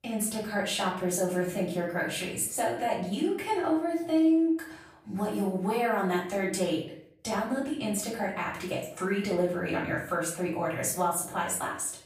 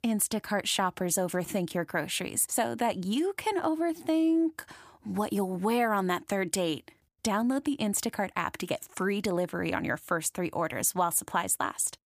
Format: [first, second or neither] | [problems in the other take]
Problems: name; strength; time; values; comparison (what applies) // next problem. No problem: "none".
second | room echo; noticeable; dies away in 0.5 s // off-mic speech; far